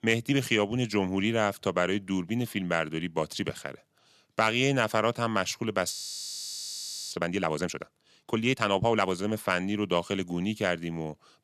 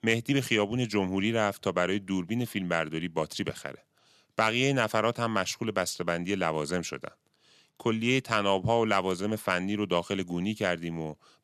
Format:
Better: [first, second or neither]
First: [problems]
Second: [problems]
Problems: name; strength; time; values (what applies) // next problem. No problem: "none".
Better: second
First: audio freezing; at 6 s for 1 s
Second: none